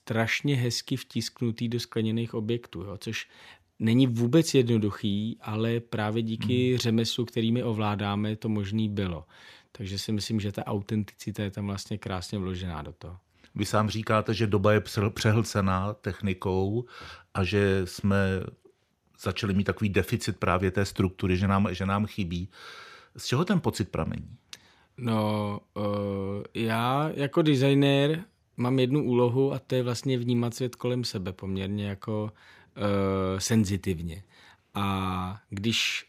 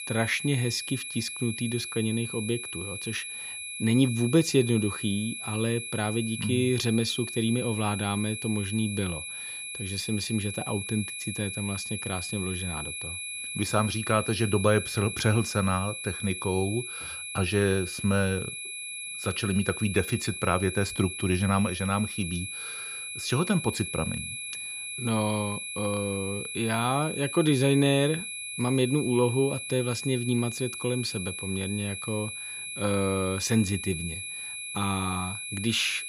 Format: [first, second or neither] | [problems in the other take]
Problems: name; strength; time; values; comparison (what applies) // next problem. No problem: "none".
first | high-pitched whine; loud; throughout; 2.5 kHz, 6 dB below the speech